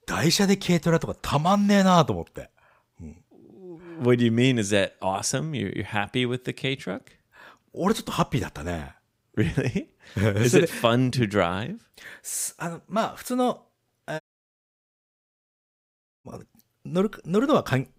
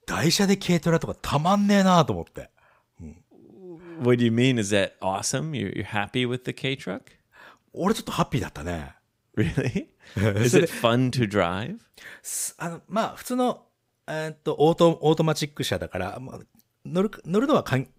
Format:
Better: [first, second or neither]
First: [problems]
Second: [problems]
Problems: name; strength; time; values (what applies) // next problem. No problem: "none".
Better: second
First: audio cutting out; at 14 s for 2 s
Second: none